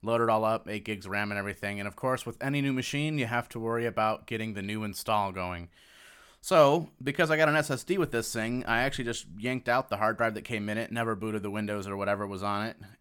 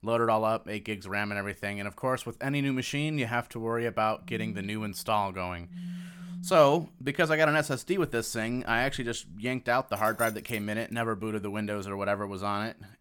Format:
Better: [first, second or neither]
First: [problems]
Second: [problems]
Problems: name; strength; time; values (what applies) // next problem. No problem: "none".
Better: first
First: none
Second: phone ringing; faint; from 4 to 7 s; peak 10 dB below the speech // jangling keys; noticeable; at 10 s; peak 10 dB below the speech